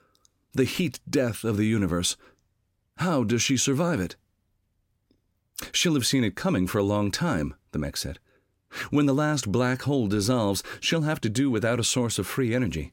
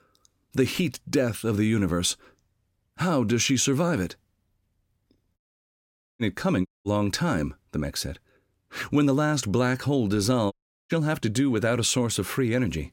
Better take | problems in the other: first | audio cutting out; at 5.5 s for 1 s, at 6.5 s and at 11 s

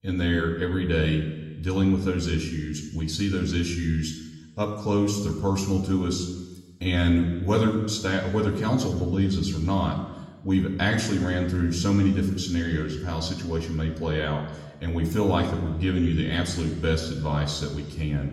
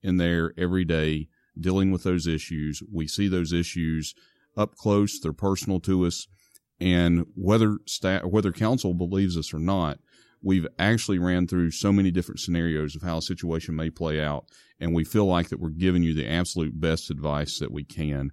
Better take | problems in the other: second | room echo; noticeable; dies away in 1.1 s // off-mic speech; somewhat distant

